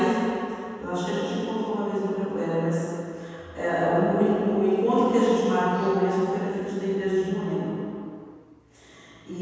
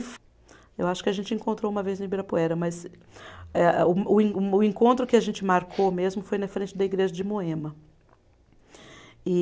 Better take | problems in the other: second | room echo; dies away in 2.1 s

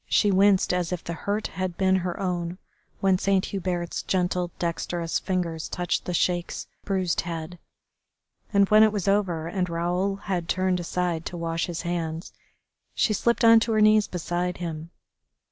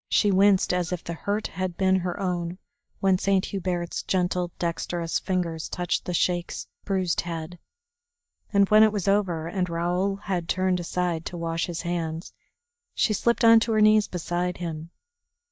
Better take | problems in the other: first | noise reduction (neural mask model DeepFilterNet 3)

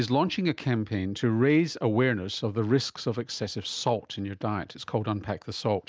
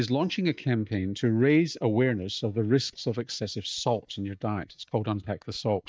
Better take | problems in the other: first | noise reduction (neural mask model DeepFilterNet 3)

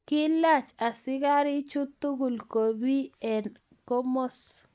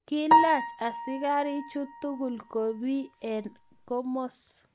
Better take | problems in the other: first | background sound (Piano); 1 dB above the speech

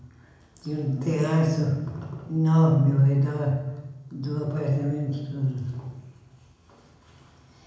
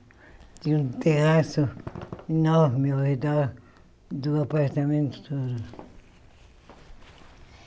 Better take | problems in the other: second | room echo; dies away in 1 s

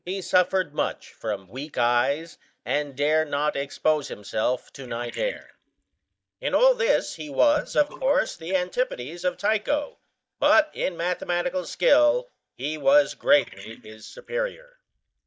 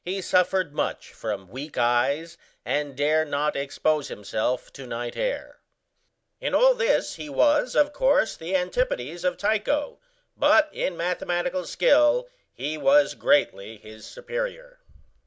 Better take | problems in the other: second | noise reduction (neural mask model DeepFilterNet 3)

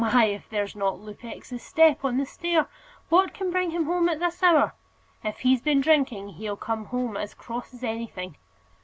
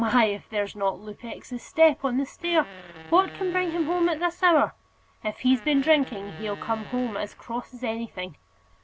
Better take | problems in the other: first | background sound (Fart); 18 dB below the speech

